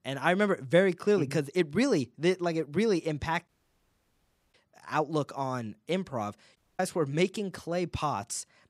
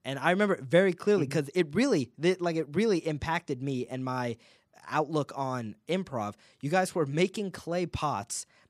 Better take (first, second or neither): second